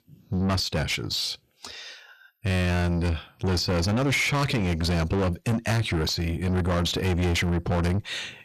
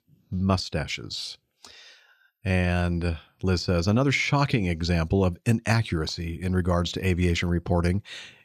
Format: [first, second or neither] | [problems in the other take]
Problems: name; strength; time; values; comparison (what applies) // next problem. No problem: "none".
second | distortion; heavy; 7 dB below the speech